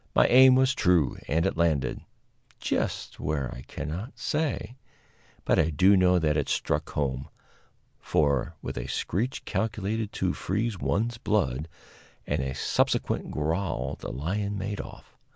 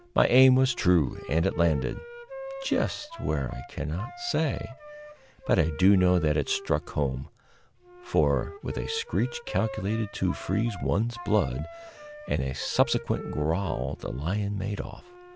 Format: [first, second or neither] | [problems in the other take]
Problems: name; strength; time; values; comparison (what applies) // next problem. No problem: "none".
first | background sound (Wind instrument, woodwind instrument); 16 dB below the speech